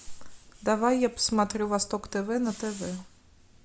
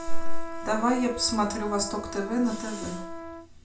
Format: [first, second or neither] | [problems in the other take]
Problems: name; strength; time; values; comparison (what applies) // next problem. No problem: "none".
first | background sound (Trumpet); 14 dB below the speech // room echo; dies away in 0.3 s